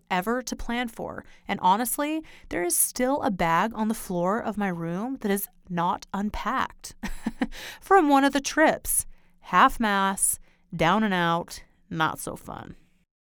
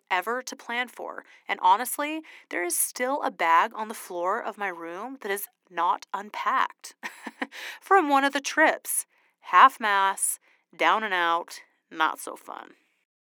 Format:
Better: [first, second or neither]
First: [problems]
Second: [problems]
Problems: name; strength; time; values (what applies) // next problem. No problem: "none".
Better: first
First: none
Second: thin; somewhat; fading below 300 Hz